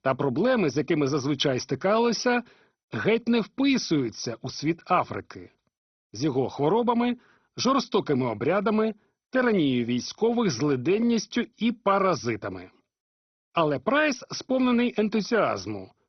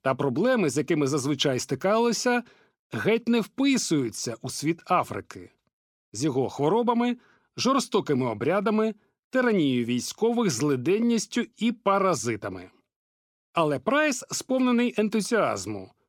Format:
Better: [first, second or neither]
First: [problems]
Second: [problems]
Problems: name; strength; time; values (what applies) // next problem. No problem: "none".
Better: second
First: garbled, watery; badly; nothing above 6 kHz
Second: none